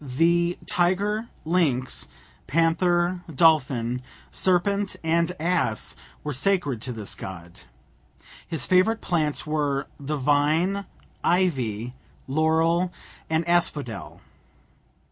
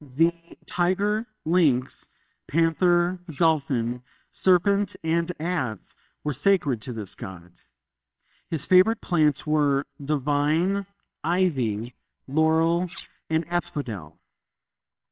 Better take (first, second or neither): first